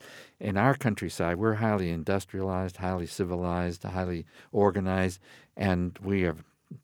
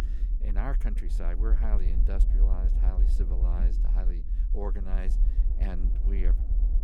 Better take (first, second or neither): first